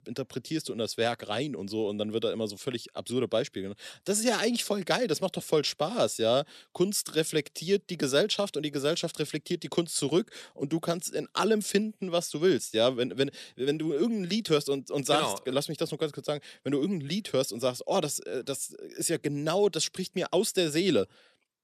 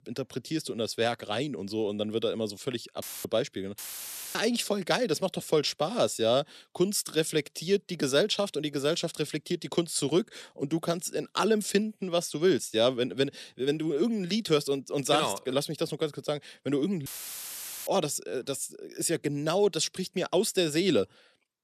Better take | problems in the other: first | audio cutting out; filled with static; at 3 s, at 4 s for 0.5 s and at 17 s for 1 s

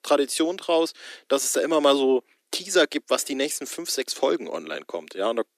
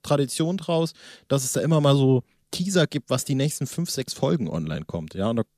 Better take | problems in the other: second | thin; somewhat; fading below 300 Hz

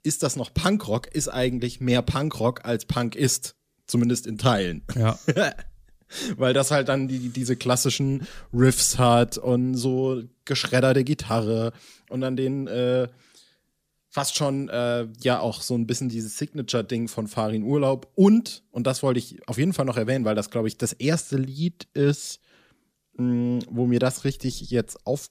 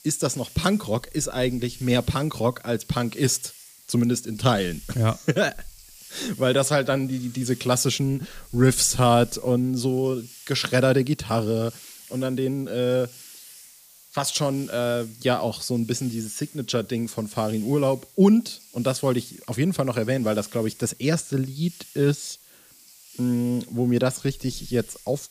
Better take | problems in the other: first | hiss; faint; throughout; 20 dB below the speech

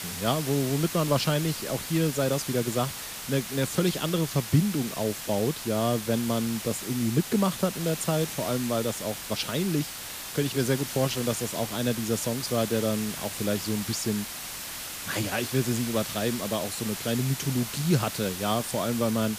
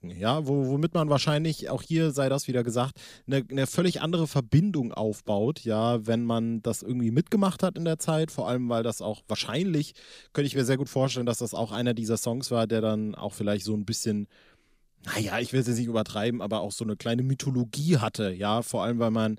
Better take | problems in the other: second | hiss; loud; throughout; 6 dB below the speech

